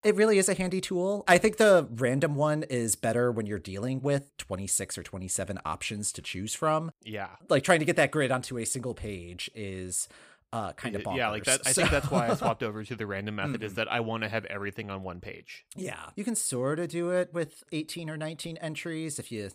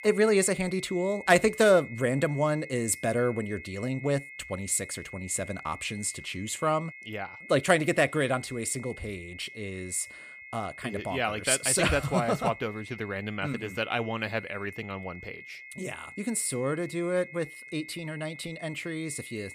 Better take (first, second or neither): first